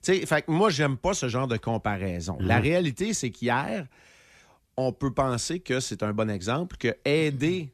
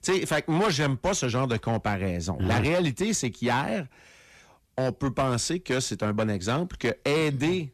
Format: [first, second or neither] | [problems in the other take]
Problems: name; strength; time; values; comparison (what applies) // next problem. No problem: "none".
first | distortion; slight; 10% of the sound clipped